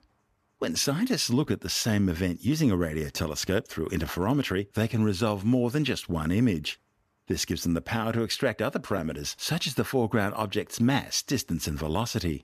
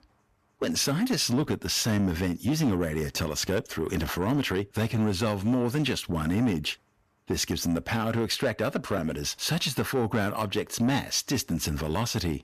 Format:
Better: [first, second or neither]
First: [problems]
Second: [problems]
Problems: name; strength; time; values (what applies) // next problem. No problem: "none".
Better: first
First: none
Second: distortion; slight; 10 dB below the speech